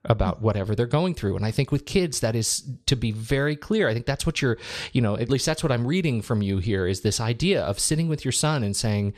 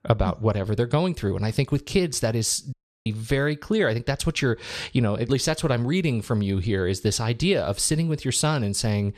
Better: first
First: none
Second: audio cutting out; at 2.5 s

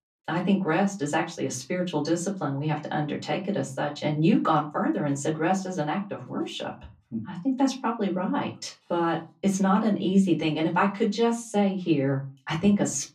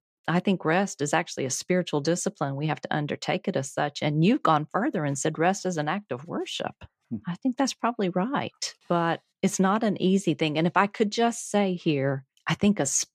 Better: second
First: off-mic speech; far // room echo; very slight; dies away in 0.3 s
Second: none

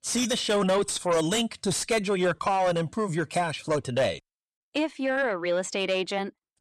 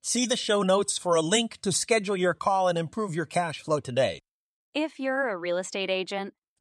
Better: second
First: distortion; slight; 10 dB below the speech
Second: none

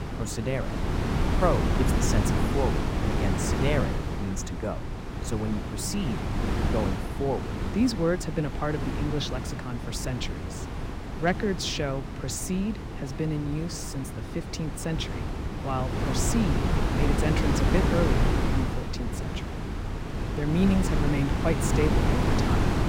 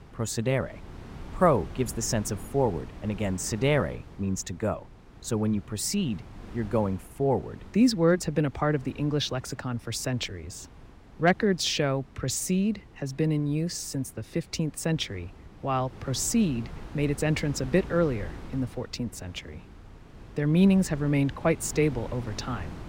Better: second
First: wind noise on the microphone; heavy; 1 dB below the speech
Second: wind noise on the microphone; occasional gusts; 20 dB below the speech

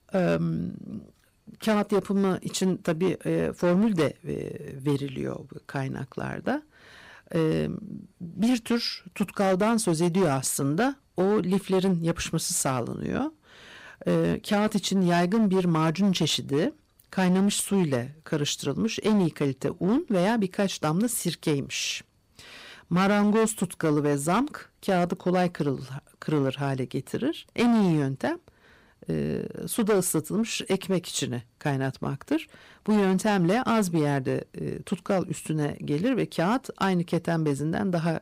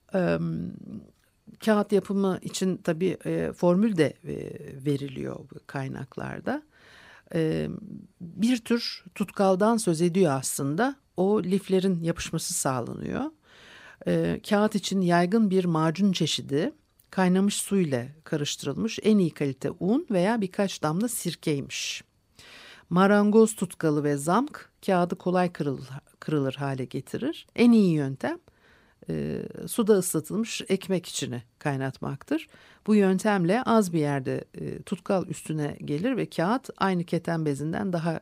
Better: second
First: distortion; slight; 9% of the sound clipped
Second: none

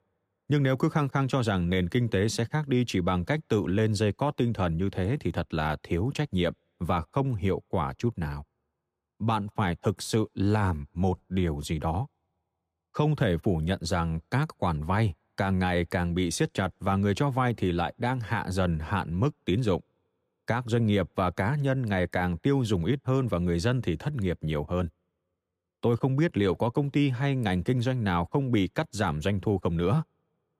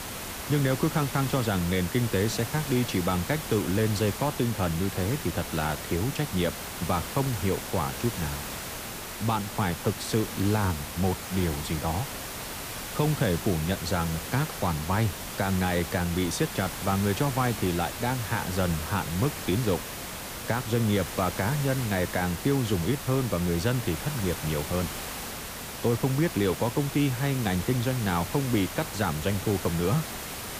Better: first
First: none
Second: hiss; loud; throughout; 7 dB below the speech

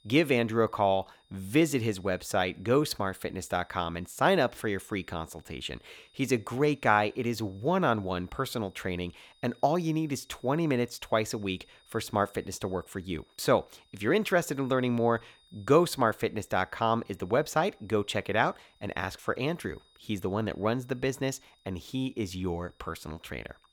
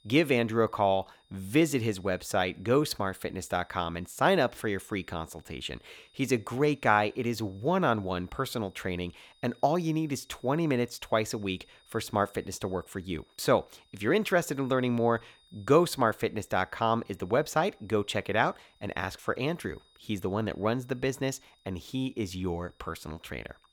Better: neither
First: high-pitched whine; faint; throughout; 3.5 kHz, 35 dB below the speech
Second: high-pitched whine; faint; throughout; 3.5 kHz, 35 dB below the speech

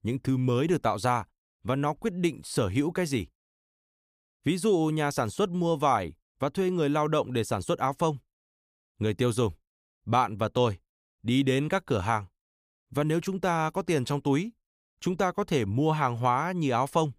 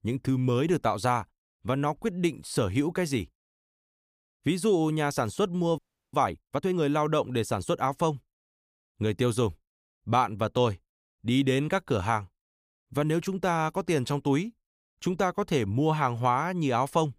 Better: first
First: none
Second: audio freezing; at 6 s

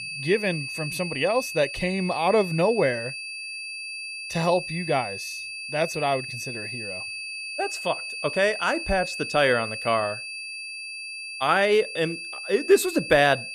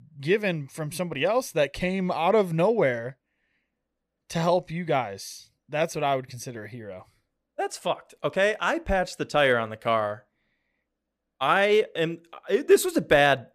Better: second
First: high-pitched whine; loud; throughout; 2.5 kHz, 8 dB below the speech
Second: none

